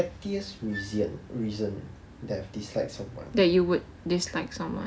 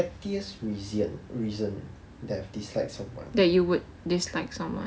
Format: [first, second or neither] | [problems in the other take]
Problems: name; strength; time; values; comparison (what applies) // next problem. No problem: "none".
second | background sound (Wind instrument, woodwind instrument); 16 dB below the speech